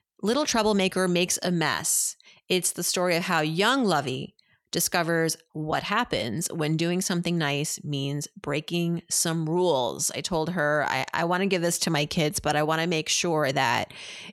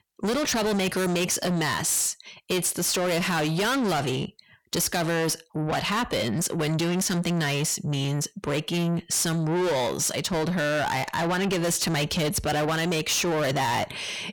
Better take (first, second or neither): first